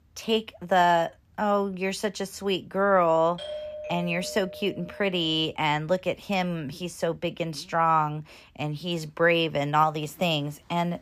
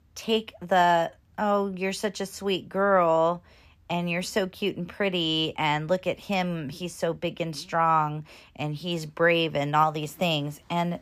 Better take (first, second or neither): second